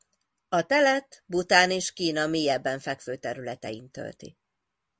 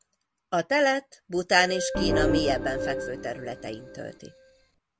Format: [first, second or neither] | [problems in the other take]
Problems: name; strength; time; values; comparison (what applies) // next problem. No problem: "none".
first | background sound (Keyboard (musical) + Organ); 2 dB below the speech